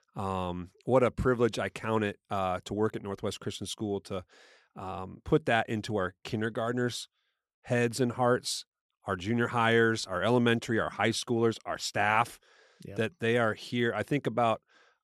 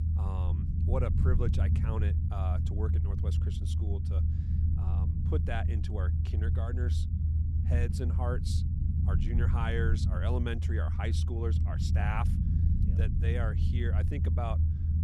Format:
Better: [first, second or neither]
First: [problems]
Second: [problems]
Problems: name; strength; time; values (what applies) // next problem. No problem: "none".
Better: first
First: none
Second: low rumble; loud; throughout; 4 dB below the speech